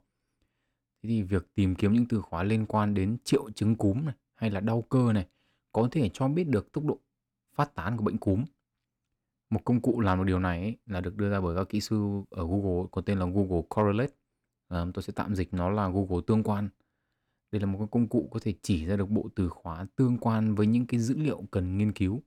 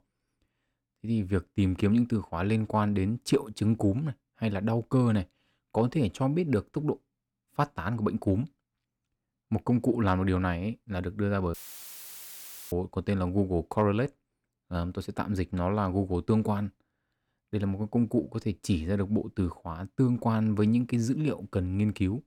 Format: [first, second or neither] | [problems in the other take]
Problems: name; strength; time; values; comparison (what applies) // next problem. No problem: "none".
first | audio cutting out; filled with static; at 12 s for 1 s